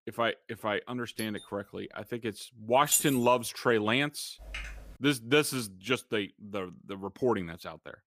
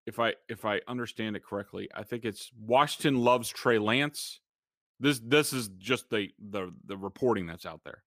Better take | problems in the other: second | doorbell; faint; at 1 s; peak 15 dB below the speech // jangling keys; loud; at 3 s; peak 3 dB above the speech // keyboard typing; faint; at 4.5 s; peak 10 dB below the speech

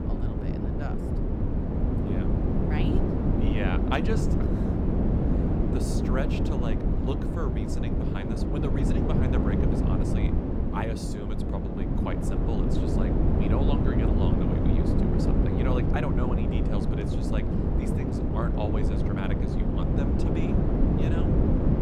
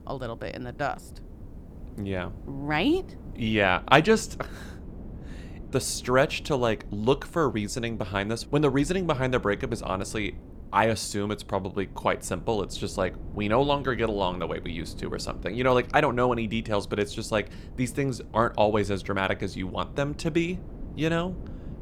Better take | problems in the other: second | wind noise on the microphone; heavy; 4 dB above the speech; occasional gusts in the second

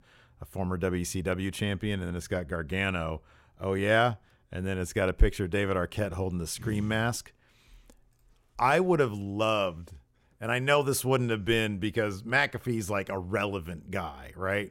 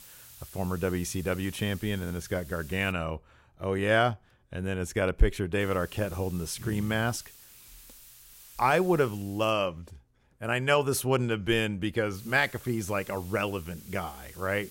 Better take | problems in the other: first | hiss; noticeable; until 3 s, from 5.5 to 9.5 s and from 12 s on; 20 dB below the speech

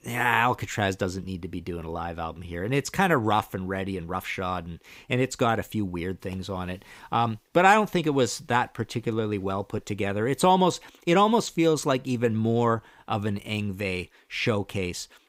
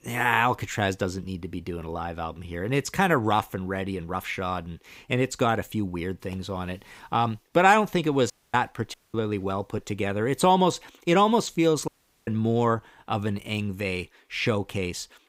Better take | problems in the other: first | audio cutting out; at 8.5 s, at 9 s and at 12 s

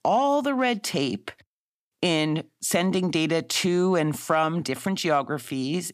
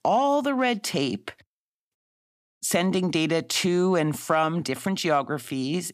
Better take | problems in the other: first | audio cutting out; at 2 s for 0.5 s

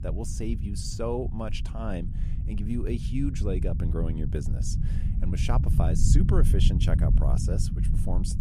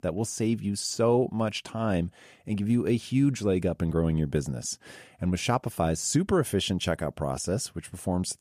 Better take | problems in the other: second | low rumble; loud; throughout; 6 dB below the speech

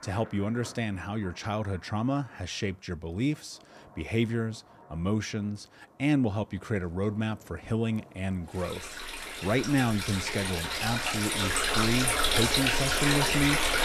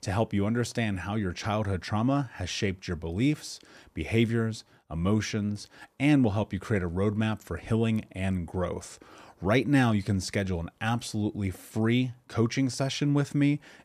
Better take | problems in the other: second | rain or running water; very loud; throughout; 3 dB above the speech

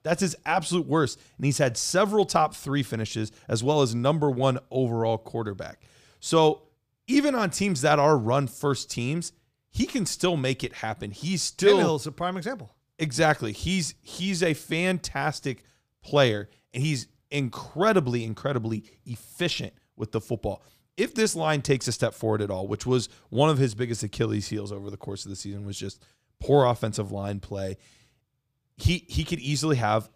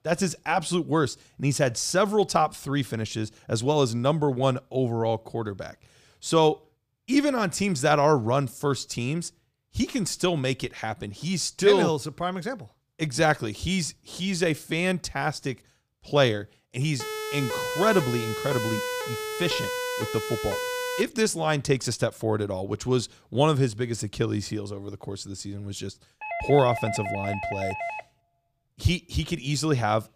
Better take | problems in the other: first | siren; noticeable; from 17 to 21 s; peak 3 dB below the speech // doorbell; noticeable; from 26 to 28 s; peak 5 dB below the speech

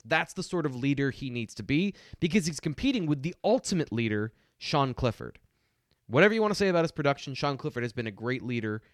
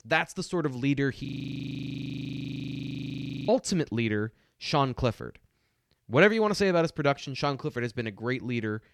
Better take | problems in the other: first | audio freezing; at 1.5 s for 2 s

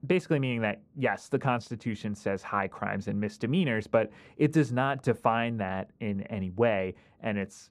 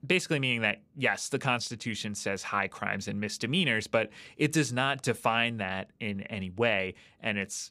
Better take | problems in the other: second | muffled; slightly; fading above 2 kHz

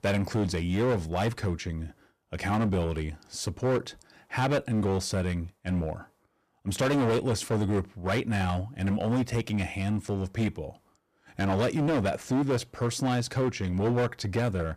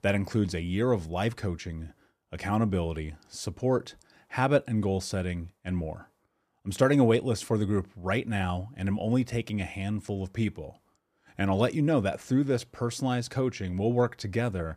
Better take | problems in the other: second | distortion; heavy; 14% of the sound clipped

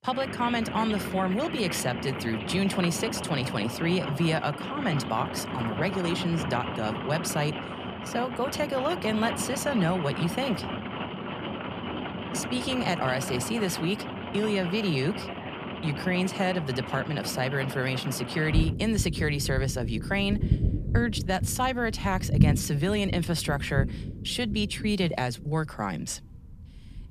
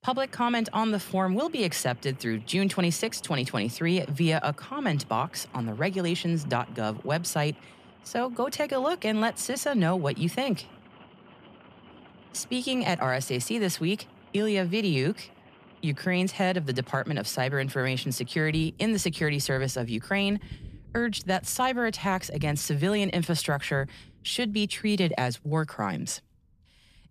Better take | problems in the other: second | rain or running water; loud; throughout; 4 dB below the speech; faint in the second

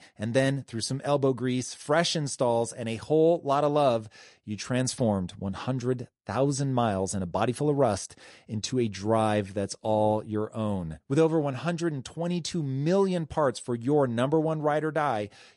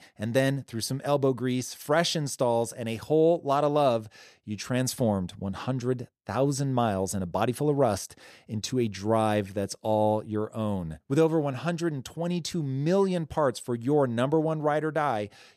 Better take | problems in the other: second | garbled, watery; slightly; nothing above 11 kHz

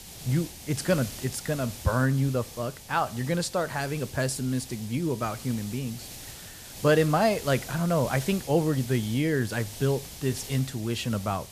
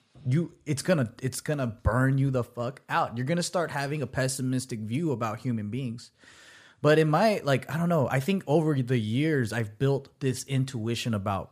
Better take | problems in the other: second | hiss; noticeable; throughout; 15 dB below the speech

